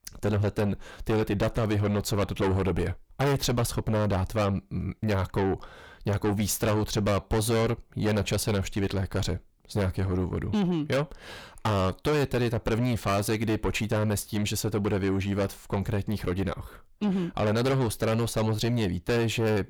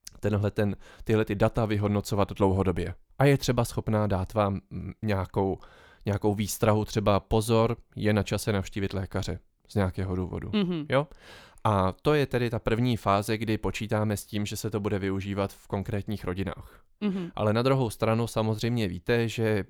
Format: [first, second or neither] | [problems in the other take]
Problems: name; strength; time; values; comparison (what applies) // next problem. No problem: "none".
second | distortion; heavy; 6 dB below the speech